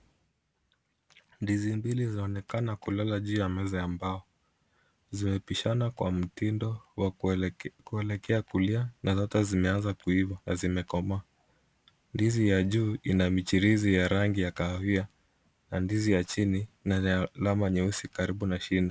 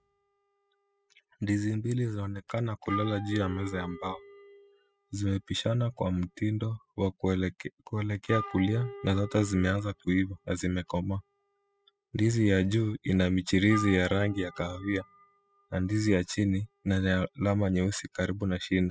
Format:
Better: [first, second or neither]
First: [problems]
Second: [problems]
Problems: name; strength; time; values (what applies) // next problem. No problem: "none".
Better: first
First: none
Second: noise reduction (classical method spectral subtraction)